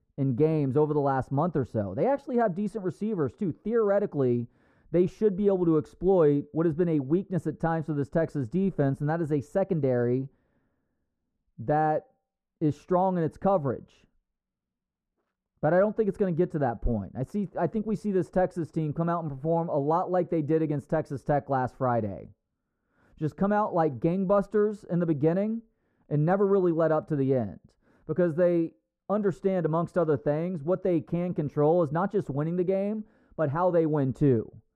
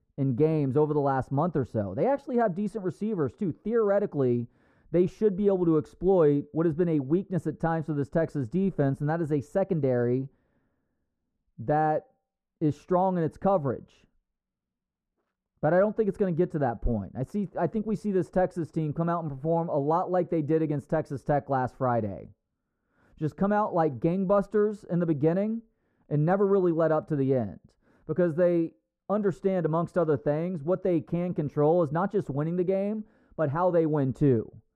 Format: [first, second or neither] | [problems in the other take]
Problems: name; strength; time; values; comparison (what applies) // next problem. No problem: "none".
neither | muffled; very; fading above 1.5 kHz; the same in both